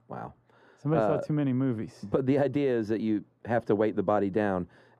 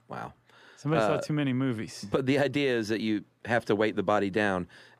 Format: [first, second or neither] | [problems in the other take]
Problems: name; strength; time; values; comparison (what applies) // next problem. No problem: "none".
second | muffled; slightly; fading above 1.5 kHz